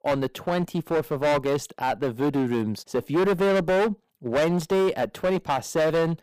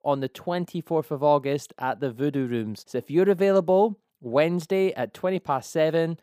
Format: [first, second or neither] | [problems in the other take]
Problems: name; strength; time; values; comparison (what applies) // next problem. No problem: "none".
second | distortion; heavy; 18% of the sound clipped